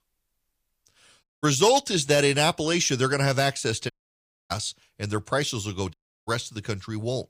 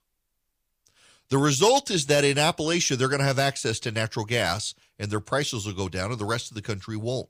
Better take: second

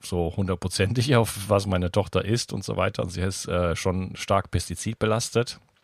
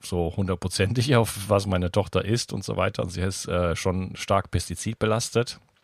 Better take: neither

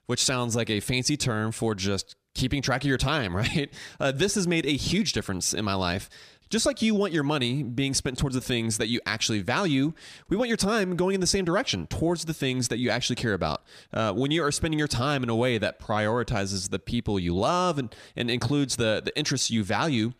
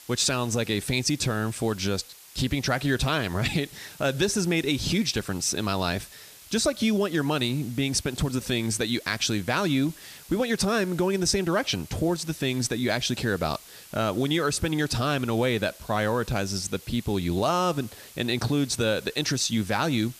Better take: first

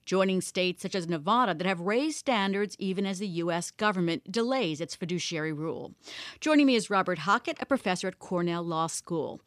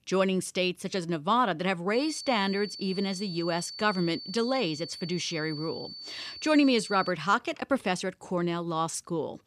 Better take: first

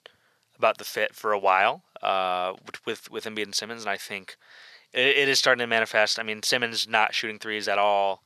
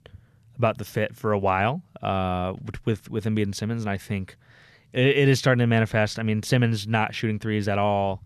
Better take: second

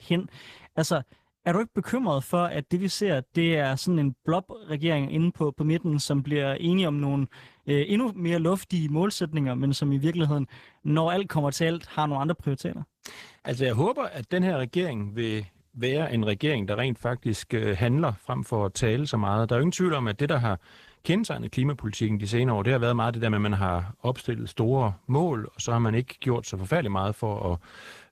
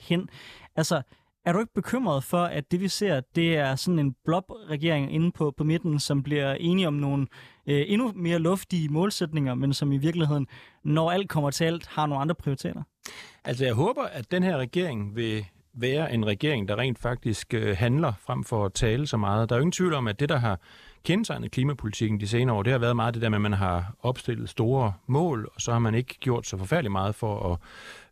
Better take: second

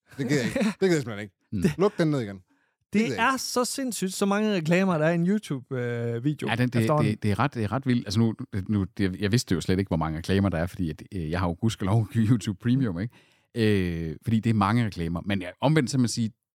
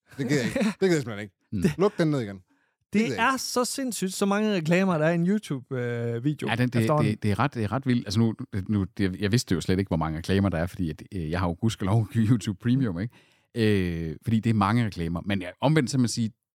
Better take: neither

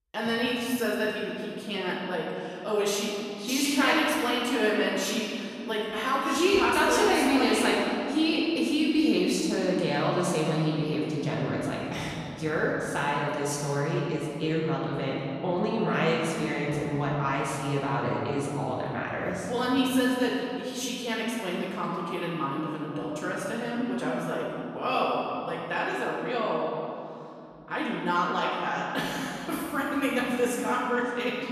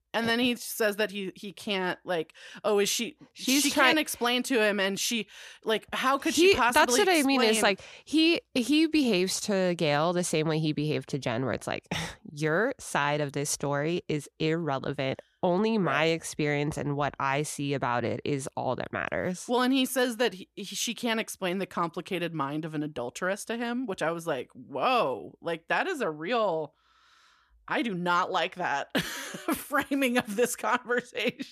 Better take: second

